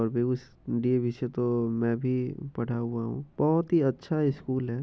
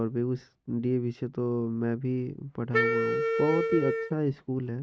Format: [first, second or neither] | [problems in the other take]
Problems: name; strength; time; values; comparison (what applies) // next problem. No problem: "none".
first | noise reduction (neural mask model RNNoise)